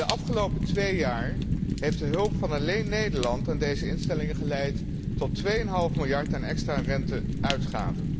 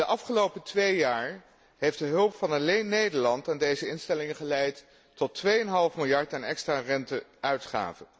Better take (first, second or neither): second